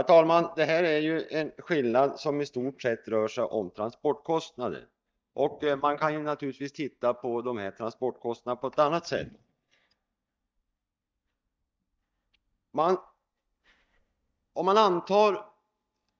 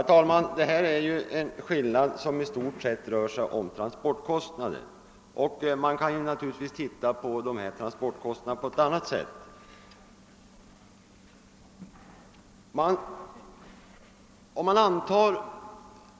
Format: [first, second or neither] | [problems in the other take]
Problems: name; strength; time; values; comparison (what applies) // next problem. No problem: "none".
second | noise reduction (neural mask model DeepFilterNet 3)